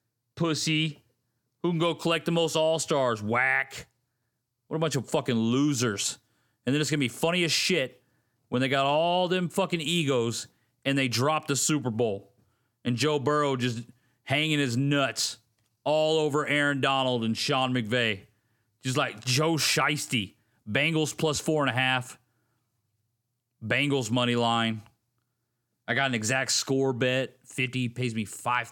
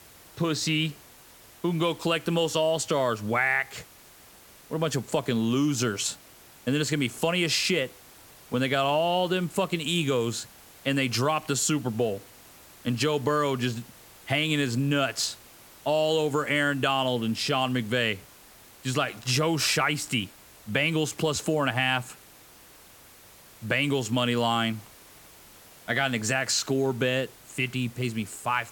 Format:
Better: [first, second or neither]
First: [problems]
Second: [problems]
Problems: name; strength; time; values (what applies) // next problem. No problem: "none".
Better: first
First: none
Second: hiss; faint; throughout; 25 dB below the speech